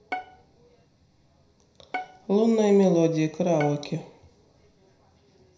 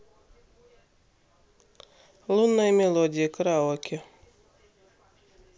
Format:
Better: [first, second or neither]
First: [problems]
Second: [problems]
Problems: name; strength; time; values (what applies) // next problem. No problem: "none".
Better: second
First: background sound (Bowed string instrument); 15 dB below the speech // room echo; dies away in 0.5 s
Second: none